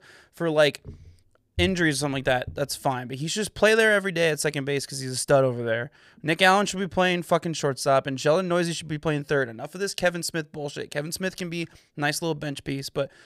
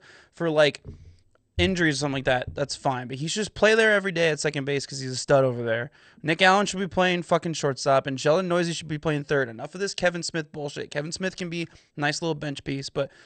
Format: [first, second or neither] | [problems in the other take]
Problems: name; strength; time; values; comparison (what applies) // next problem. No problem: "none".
first | garbled, watery; slightly; nothing above 8.5 kHz